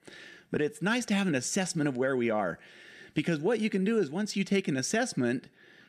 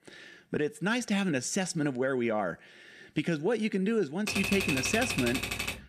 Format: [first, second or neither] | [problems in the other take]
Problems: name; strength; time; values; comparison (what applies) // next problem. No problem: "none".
first | keyboard typing; loud; from 4.5 s on; peak level with the speech